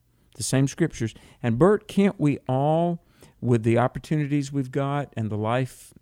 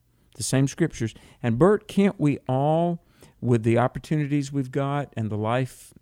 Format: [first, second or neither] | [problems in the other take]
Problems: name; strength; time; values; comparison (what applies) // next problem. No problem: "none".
neither | none